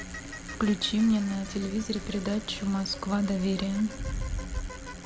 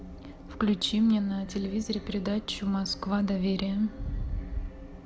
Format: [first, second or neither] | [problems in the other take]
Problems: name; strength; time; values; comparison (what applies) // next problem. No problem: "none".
second | background sound (Bicycle); 14 dB below the speech